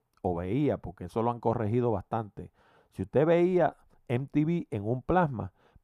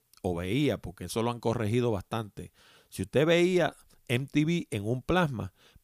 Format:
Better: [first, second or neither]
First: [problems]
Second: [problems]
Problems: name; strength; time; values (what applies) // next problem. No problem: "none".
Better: second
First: muffled; very; fading above 2.5 kHz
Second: none